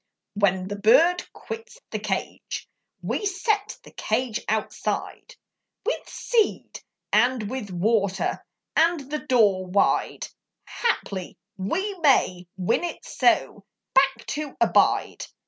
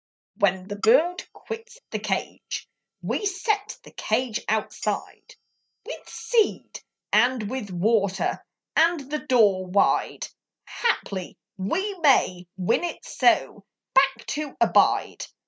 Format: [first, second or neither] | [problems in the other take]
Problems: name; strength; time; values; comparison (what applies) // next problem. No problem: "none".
first | noise reduction (neural mask model DeepFilterNet 3)